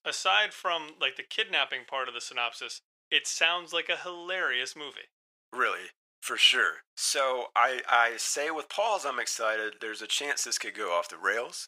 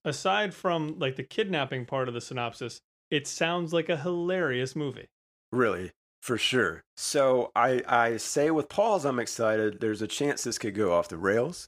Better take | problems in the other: second | thin; very; fading below 900 Hz

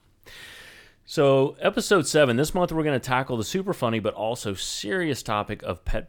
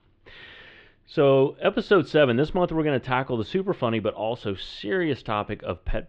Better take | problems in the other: first | muffled; slightly; fading above 3.5 kHz

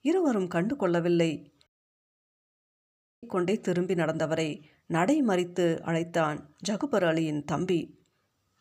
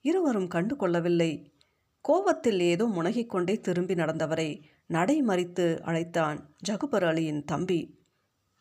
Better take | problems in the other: second | audio cutting out; at 1.5 s for 1.5 s

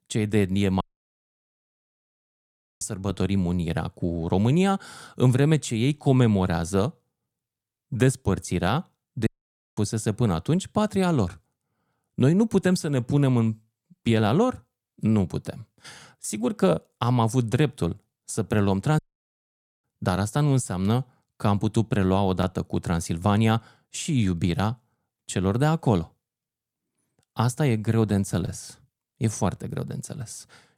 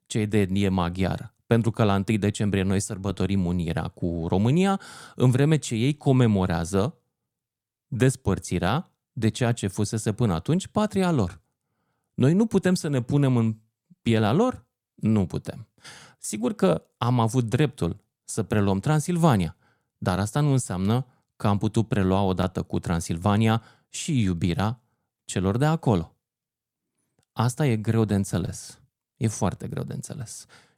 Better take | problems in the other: second | audio cutting out; at 1 s for 2 s, at 9.5 s for 0.5 s and at 19 s for 1 s

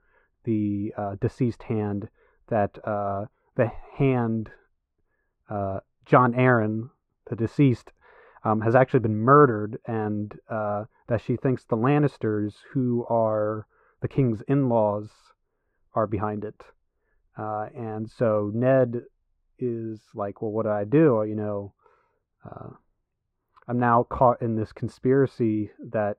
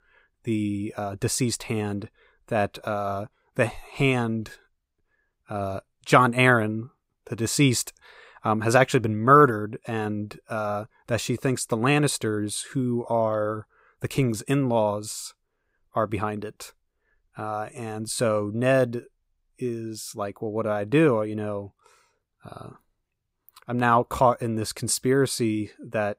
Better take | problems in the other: second | muffled; very; fading above 4 kHz

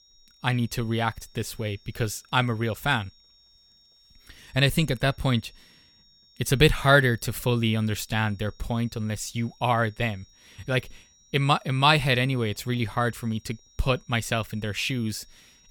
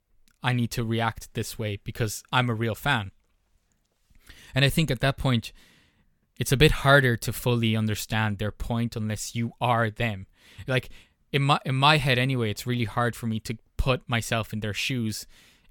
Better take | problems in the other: second | high-pitched whine; faint; throughout; 5.5 kHz, 30 dB below the speech

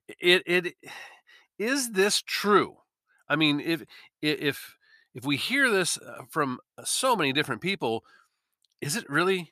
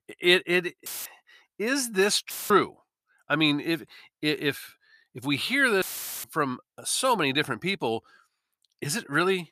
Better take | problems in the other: first | audio cutting out; filled with static; at 1 s, at 2.5 s and at 6 s

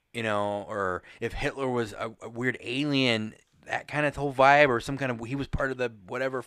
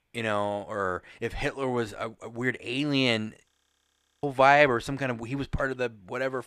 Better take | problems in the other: first | audio freezing; at 3.5 s for 0.5 s

